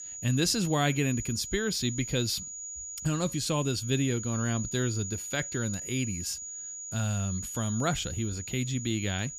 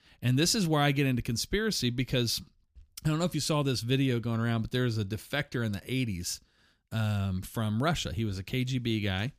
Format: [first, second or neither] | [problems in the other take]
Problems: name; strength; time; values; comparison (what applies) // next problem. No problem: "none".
second | high-pitched whine; loud; throughout; 7 kHz, 7 dB below the speech